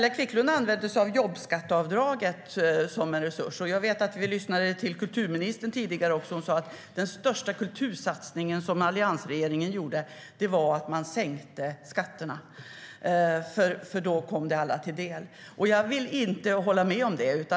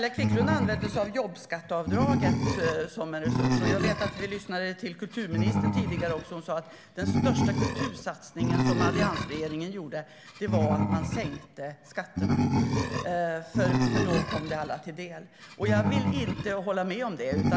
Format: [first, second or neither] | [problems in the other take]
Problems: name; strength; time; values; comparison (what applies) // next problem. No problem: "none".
first | background sound (Animal); 4 dB above the speech